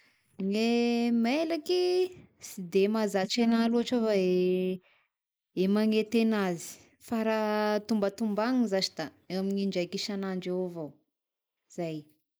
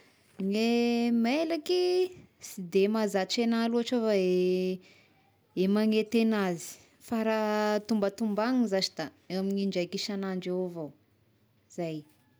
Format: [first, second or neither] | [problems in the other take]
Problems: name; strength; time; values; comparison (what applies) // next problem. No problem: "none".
second | noise reduction (neural mask model Resemble Enhance denoiser)